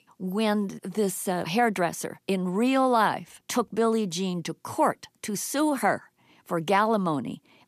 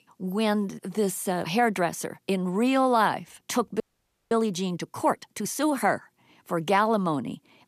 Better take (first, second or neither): first